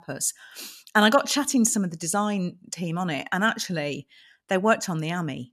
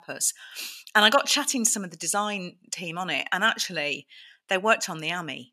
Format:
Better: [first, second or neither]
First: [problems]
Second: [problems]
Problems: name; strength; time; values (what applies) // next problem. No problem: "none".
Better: first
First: none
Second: thin; somewhat; fading below 600 Hz